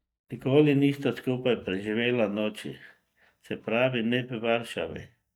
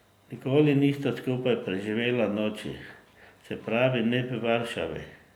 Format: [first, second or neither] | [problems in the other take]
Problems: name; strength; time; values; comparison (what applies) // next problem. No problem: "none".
second | noise reduction (neural mask model DeepFilterNet 3)